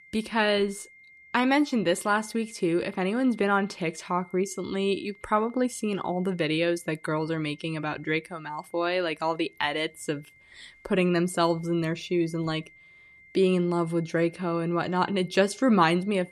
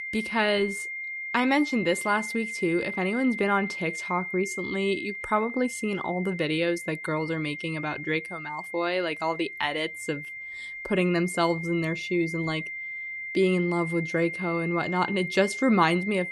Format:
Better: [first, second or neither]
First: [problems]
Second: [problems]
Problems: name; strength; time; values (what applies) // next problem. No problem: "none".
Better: first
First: high-pitched whine; faint; throughout; 2 kHz, 25 dB below the speech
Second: high-pitched whine; loud; throughout; 2 kHz, 7 dB below the speech